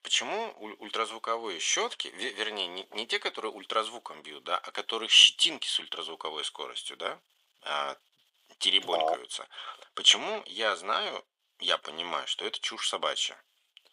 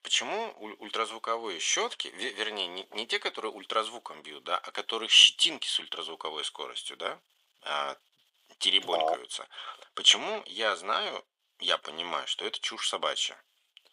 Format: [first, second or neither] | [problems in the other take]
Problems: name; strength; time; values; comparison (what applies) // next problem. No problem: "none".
neither | thin; very; fading below 550 Hz; the same in both